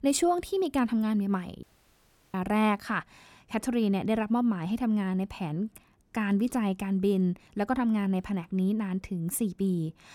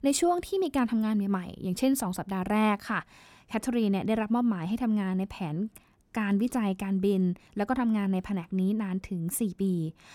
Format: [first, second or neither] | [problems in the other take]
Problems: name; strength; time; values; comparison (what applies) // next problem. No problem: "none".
second | audio cutting out; at 1.5 s for 0.5 s